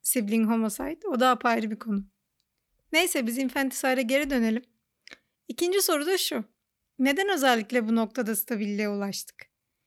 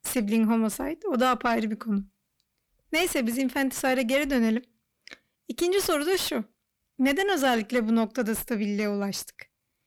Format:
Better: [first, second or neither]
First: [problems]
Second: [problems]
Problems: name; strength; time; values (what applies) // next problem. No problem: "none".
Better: first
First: none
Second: distortion; slight; 10 dB below the speech